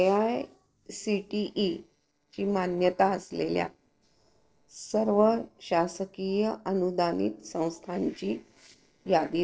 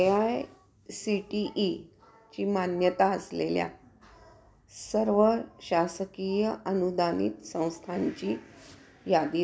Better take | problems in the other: second | noise reduction (neural separator model SepFormer DNS4)

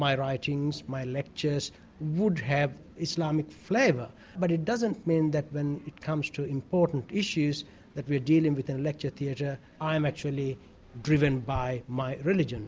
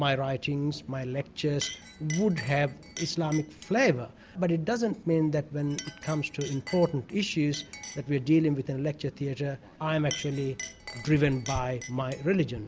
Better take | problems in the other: first | background sound (Chink, clink); 17 dB below the speech

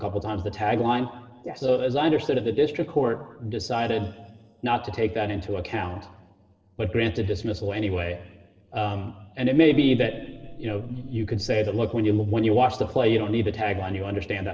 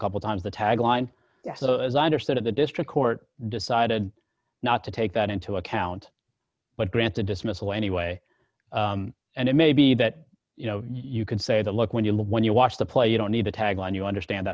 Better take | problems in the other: second | noise reduction (neural separator model SepFormer DNS4)

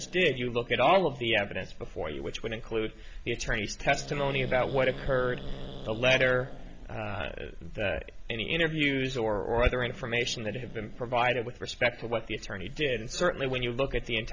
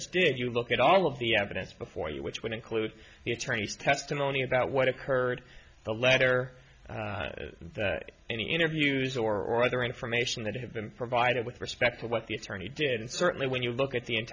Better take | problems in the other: second | background sound (Growling); 10 dB below the speech

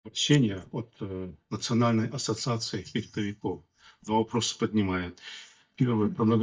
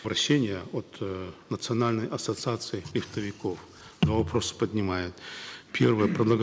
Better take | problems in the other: second | noise reduction (neural mask model DeepFilterNet 3)

